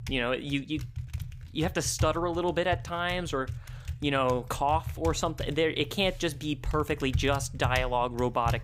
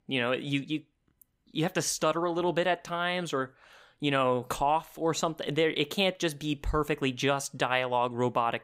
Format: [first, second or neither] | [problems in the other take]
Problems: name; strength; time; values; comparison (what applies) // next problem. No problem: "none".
second | household noises; loud; throughout; 9 dB below the speech